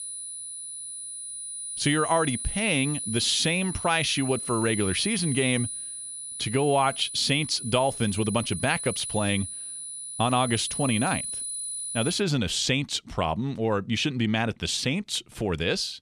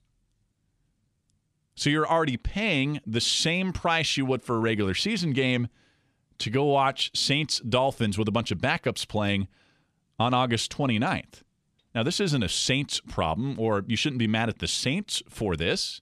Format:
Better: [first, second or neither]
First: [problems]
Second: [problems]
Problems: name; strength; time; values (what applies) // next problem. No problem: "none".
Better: second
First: high-pitched whine; loud; until 12 s; 10 kHz, 6 dB below the speech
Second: none